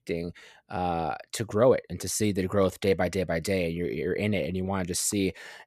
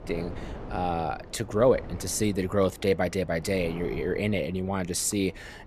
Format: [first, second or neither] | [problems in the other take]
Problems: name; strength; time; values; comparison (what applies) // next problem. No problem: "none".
first | wind noise on the microphone; occasional gusts; 15 dB below the speech